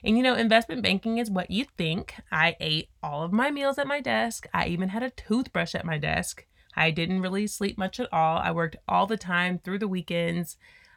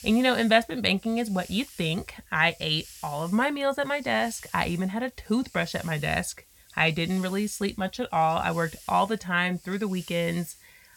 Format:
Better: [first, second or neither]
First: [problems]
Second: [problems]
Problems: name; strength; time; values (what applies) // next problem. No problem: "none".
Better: first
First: none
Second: hiss; faint; throughout; 20 dB below the speech